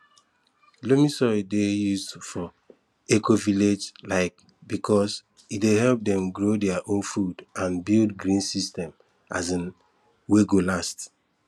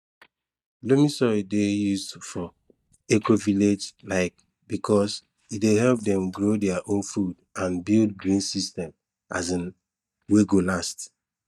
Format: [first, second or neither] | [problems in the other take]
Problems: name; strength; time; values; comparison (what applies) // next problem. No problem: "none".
first | noise reduction (neural mask model DeepFilterNet 3)